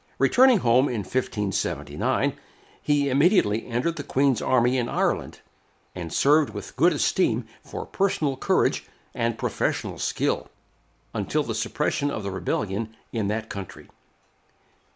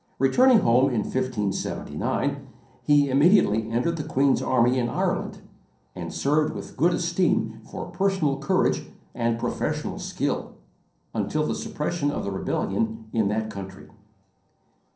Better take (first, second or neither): first